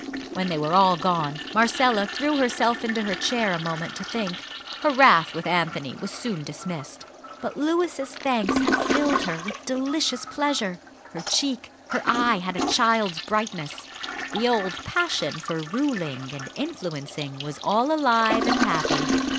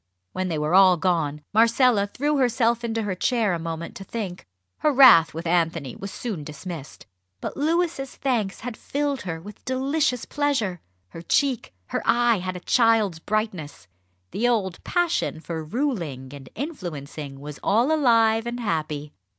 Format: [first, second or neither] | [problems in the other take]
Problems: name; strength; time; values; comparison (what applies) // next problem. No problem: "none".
second | background sound (Toilet flush); 6 dB below the speech